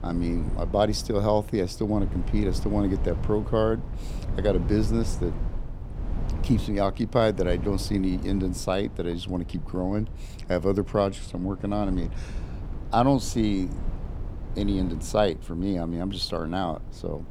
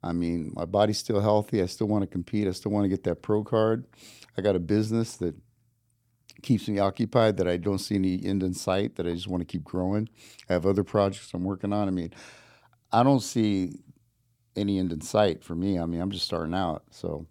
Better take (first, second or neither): second